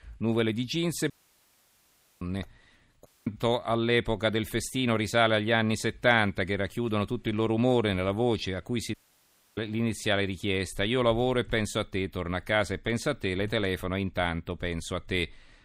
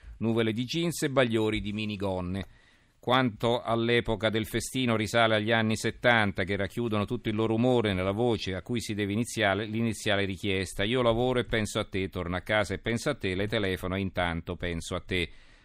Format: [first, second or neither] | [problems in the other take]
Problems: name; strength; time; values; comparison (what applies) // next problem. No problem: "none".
second | audio cutting out; at 1 s for 1 s, at 3 s and at 9 s for 0.5 s